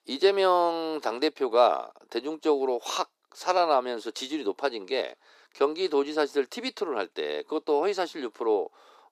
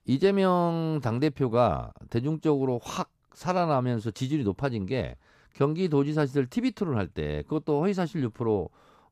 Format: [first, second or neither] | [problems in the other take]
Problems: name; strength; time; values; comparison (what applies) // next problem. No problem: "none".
second | thin; very; fading below 350 Hz